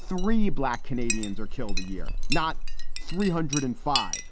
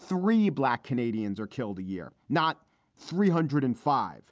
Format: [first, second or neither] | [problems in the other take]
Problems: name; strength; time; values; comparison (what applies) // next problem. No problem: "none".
second | background sound (Chink, clink); 5 dB above the speech